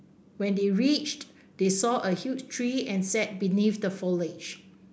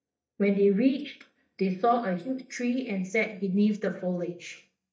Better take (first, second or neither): first